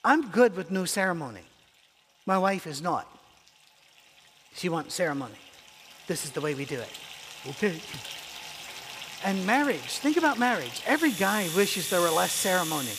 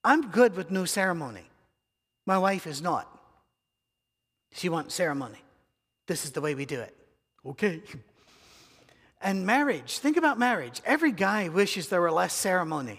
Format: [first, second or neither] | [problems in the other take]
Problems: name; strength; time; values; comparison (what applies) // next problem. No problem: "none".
second | household noises; loud; throughout; 8 dB below the speech